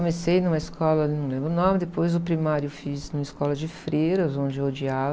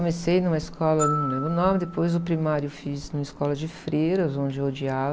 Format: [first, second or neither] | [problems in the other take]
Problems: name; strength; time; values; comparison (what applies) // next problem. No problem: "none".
first | background sound (Glockenspiel); 12 dB below the speech